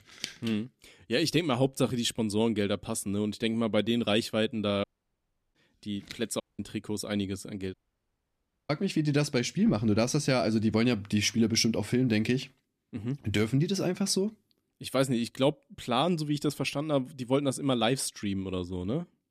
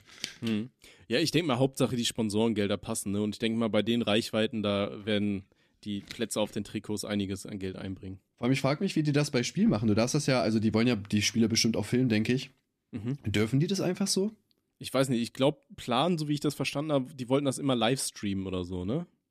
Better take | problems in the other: second | audio cutting out; at 5 s for 0.5 s, at 6.5 s and at 7.5 s for 1 s

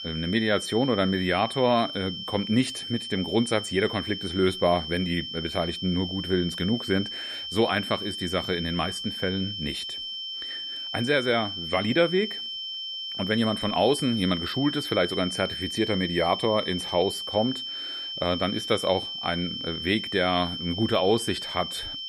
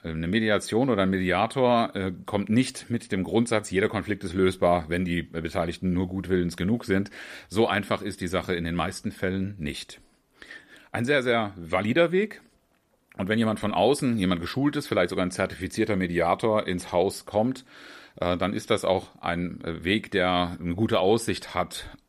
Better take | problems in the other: second | high-pitched whine; loud; throughout; 3 kHz, 5 dB below the speech

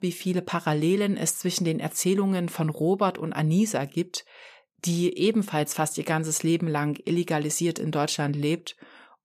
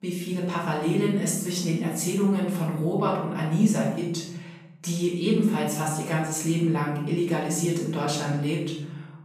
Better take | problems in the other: first | off-mic speech; far // room echo; noticeable; dies away in 0.8 s

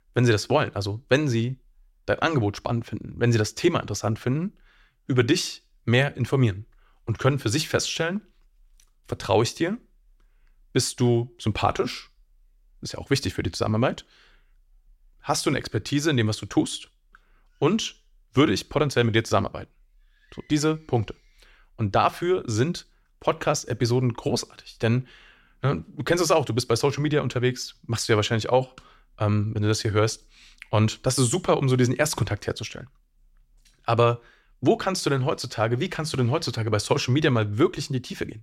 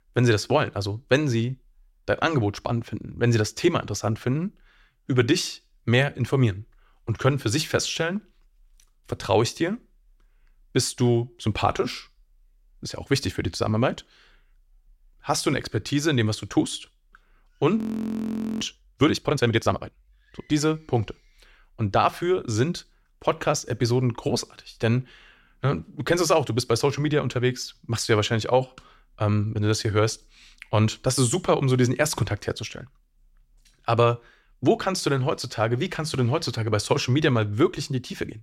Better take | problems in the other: first | audio freezing; at 18 s for 1 s

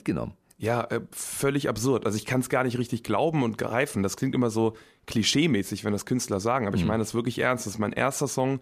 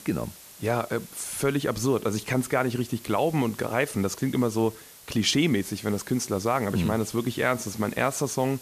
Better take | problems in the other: first | hiss; noticeable; throughout; 20 dB below the speech

